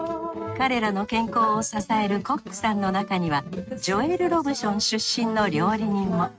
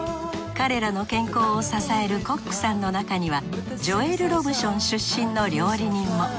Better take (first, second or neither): second